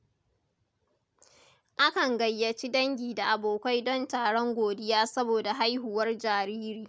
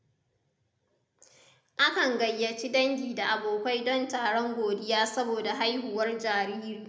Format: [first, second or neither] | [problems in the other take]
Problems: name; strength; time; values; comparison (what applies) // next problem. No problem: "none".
first | room echo; dies away in 0.7 s